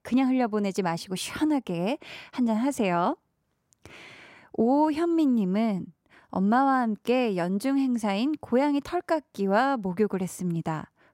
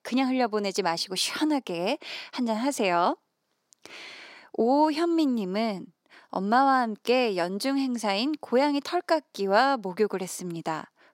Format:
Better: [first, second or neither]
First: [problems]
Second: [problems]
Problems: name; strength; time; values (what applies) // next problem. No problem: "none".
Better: first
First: none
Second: thin; very slightly; fading below 300 Hz